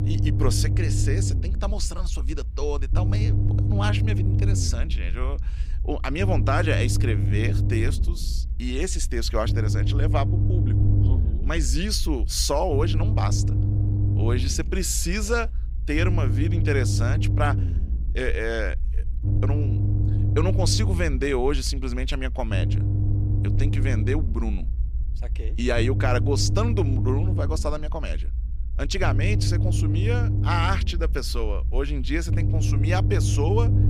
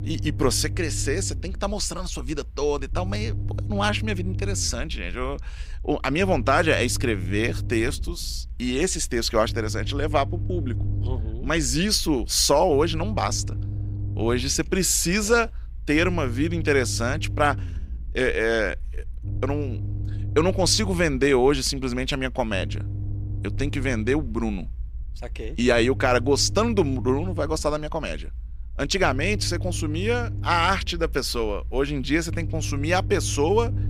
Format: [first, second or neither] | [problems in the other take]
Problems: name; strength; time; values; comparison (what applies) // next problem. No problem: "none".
second | low rumble; loud; throughout; 8 dB below the speech; faint in the second